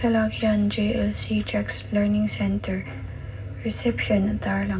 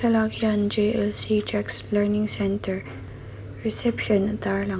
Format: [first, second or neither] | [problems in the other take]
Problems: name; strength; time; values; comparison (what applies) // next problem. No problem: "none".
second | room echo; dies away in 0.4 s